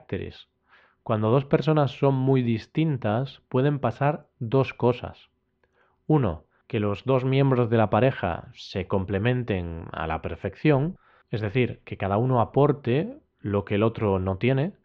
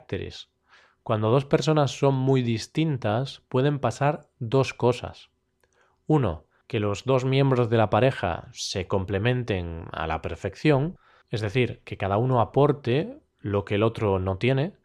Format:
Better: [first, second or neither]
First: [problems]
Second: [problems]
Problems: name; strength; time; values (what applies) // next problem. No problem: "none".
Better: second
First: muffled; slightly; fading above 3 kHz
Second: none